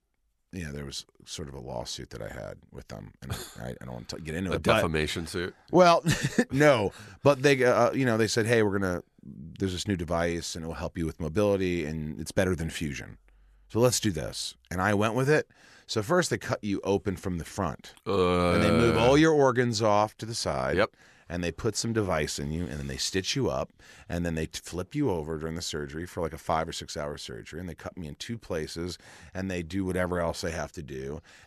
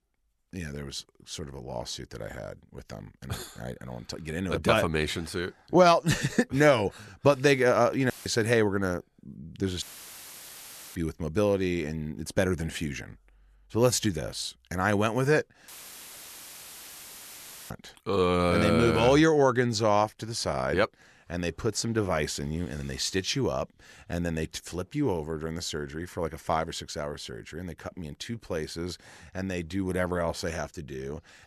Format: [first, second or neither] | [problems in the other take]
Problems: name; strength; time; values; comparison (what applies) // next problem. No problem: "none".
first | audio cutting out; filled with static; at 8 s, at 10 s for 1 s and at 16 s for 2 s